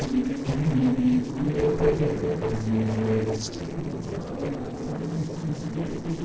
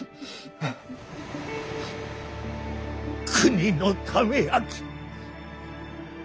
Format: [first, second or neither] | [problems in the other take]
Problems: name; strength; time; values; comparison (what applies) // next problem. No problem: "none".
second | noise reduction (neural separator model SepFormer DNS4)